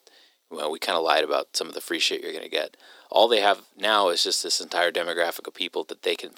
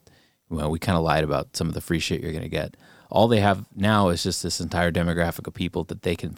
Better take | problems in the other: second | thin; very; fading below 350 Hz

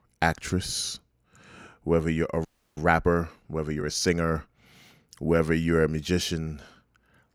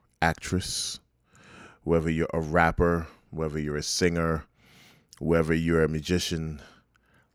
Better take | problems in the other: second | audio freezing; at 2.5 s

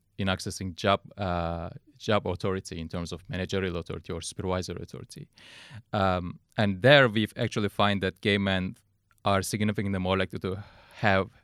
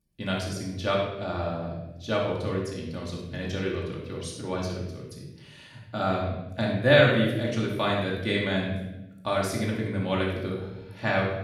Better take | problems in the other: first | off-mic speech; far // room echo; noticeable; dies away in 0.8 s

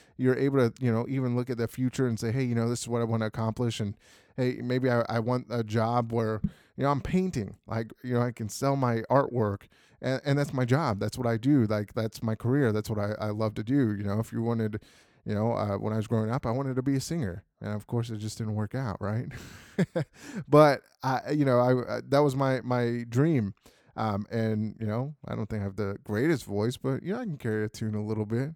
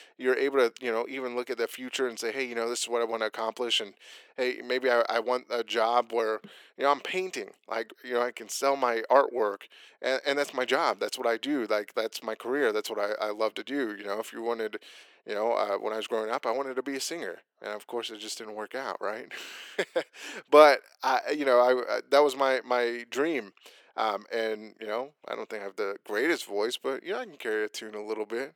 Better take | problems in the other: first | thin; very; fading below 350 Hz

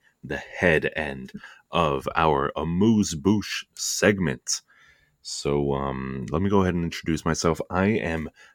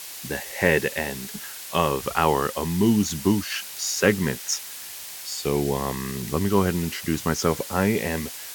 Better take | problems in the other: first | hiss; loud; throughout; 10 dB below the speech

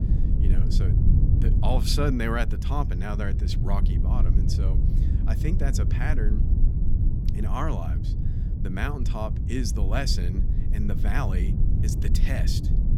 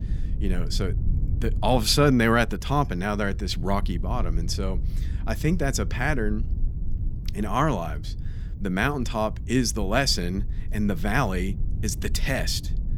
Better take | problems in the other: second | low rumble; loud; throughout; 6 dB below the speech; faint in the second

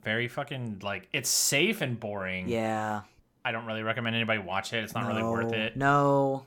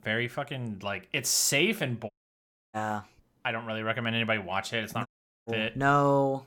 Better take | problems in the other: first | audio cutting out; at 2 s for 0.5 s and at 5 s

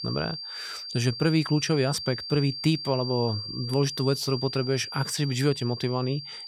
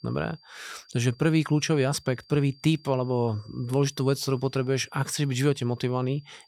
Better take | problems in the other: second | high-pitched whine; loud; throughout; 4.5 kHz, 7 dB below the speech; faint in the second

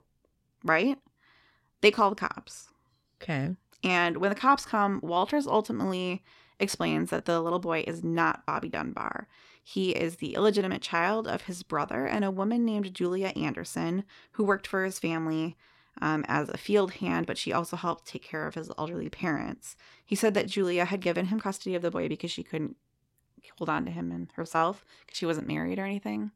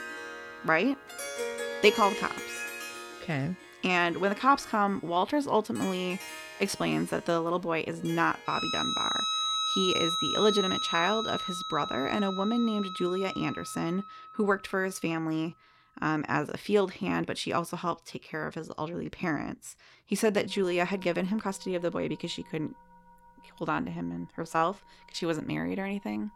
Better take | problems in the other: first | background music; loud; throughout; 3 dB below the speech

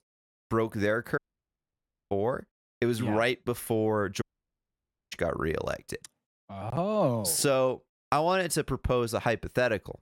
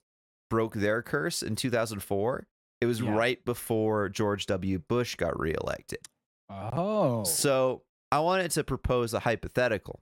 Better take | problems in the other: second | audio cutting out; at 1 s for 1 s and at 4 s for 1 s

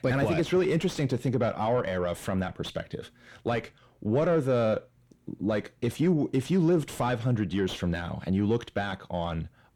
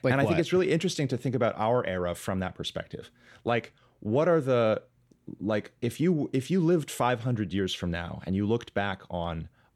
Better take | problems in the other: second | distortion; slight; 10 dB below the speech

